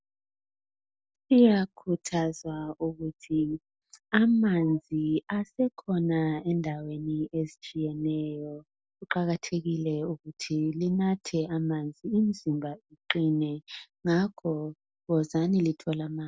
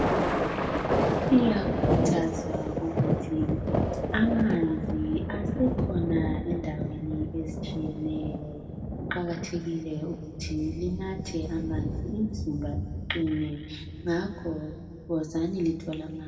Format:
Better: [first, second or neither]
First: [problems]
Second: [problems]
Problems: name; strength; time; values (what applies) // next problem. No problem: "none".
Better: first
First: none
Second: background sound (Thunder); as loud as the speech // room echo; dies away in 2.1 s